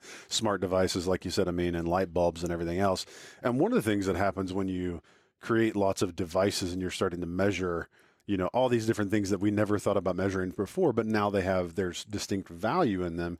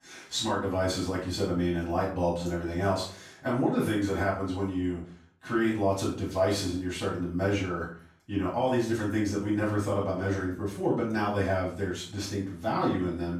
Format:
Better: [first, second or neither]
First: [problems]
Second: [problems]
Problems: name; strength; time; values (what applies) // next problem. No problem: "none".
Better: first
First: none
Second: off-mic speech; far // room echo; noticeable; dies away in 0.4 s